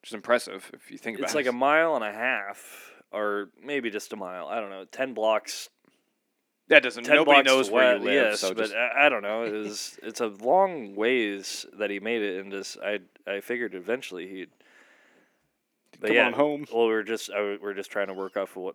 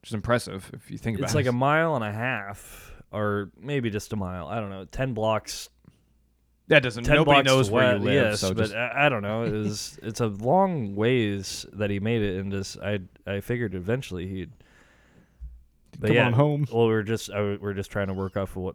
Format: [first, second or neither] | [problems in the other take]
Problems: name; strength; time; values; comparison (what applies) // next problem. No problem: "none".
second | thin; somewhat; fading below 300 Hz